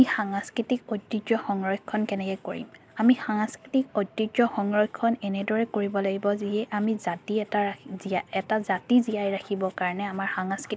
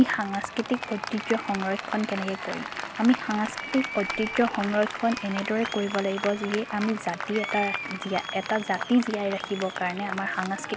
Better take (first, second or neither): first